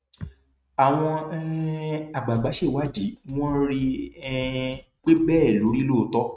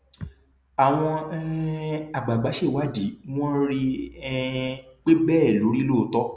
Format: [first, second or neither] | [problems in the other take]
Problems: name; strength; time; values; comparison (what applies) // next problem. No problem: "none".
second | noise reduction (neural mask model RNNoise)